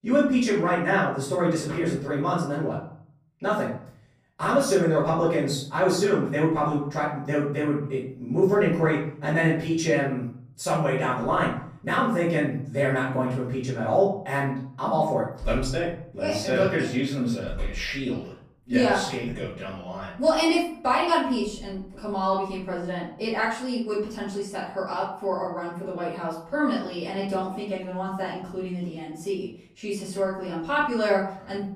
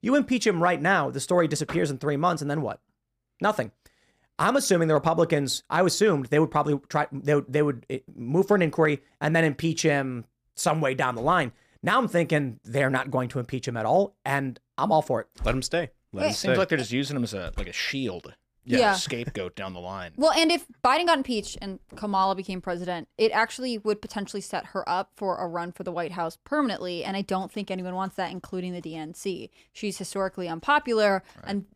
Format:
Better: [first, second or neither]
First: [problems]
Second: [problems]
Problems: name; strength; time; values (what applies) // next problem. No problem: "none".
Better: second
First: room echo; noticeable; dies away in 0.6 s // off-mic speech; far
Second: none